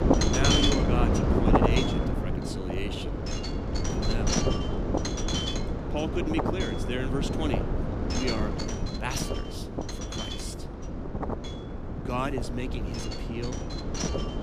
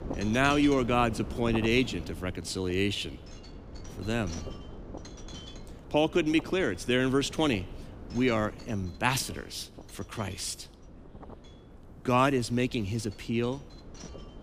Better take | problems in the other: second | wind noise on the microphone; heavy; 4 dB above the speech; occasional gusts in the second

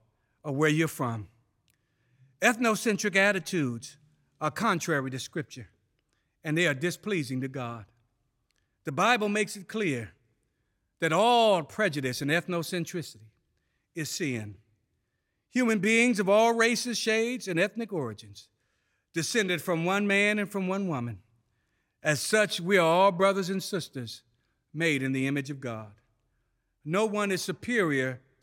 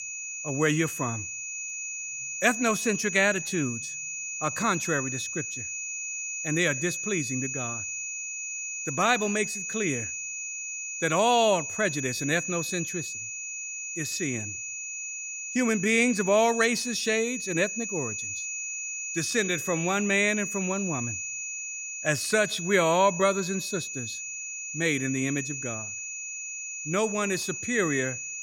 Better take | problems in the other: first | high-pitched whine; loud; throughout; 6.5 kHz, 5 dB below the speech

